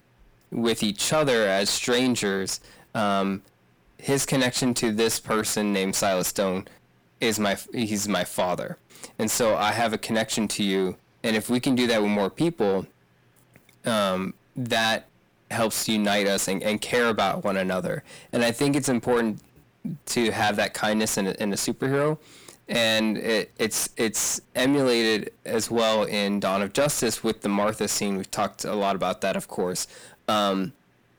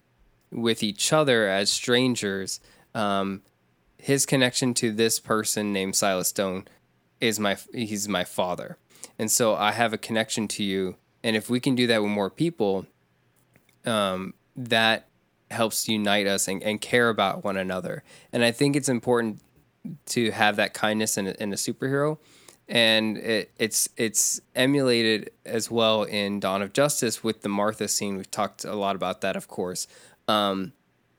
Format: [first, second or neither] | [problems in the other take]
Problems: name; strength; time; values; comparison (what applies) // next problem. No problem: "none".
second | distortion; heavy; 7 dB below the speech